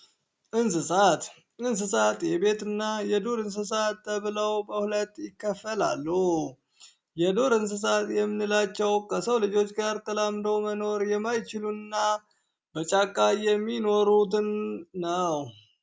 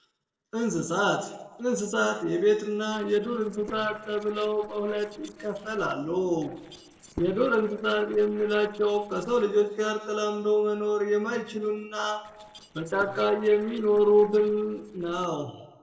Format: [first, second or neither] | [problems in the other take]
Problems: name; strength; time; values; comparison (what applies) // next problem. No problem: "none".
first | noise reduction (neural separator model SepFormer DNS4)